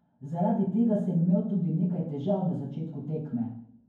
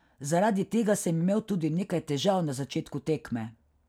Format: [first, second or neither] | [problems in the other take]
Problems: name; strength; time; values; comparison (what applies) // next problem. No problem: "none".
second | room echo; dies away in 0.9 s